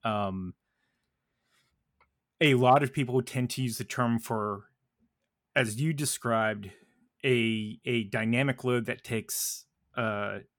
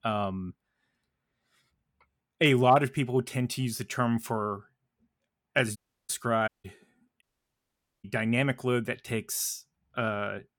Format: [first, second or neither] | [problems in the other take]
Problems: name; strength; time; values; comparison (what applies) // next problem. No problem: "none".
first | audio cutting out; at 6 s, at 6.5 s and at 7 s for 1 s